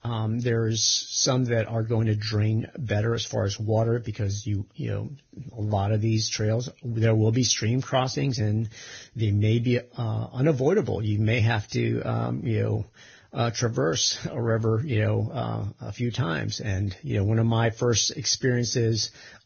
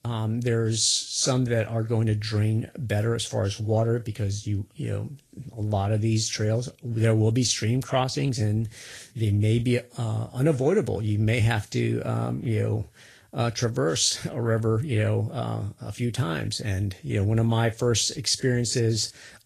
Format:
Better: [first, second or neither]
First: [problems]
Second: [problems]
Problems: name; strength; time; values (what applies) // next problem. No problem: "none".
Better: second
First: garbled, watery; badly; nothing above 6.5 kHz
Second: garbled, watery; slightly